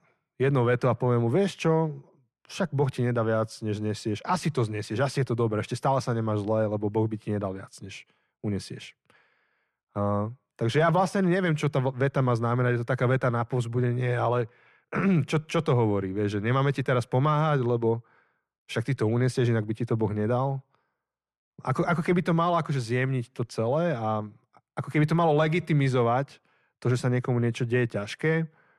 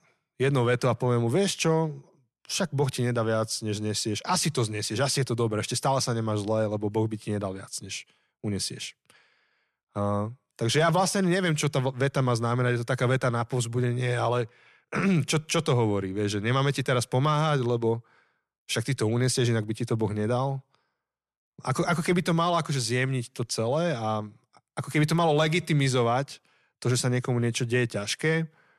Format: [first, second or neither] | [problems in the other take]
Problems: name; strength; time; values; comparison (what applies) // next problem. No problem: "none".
second | muffled; slightly; fading above 3 kHz